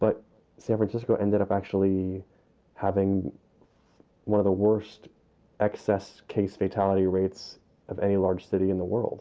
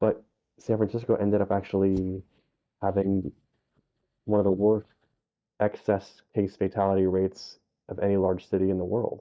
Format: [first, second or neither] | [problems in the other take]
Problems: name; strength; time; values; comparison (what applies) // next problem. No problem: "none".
first | noise reduction (neural mask model DeepFilterNet 3)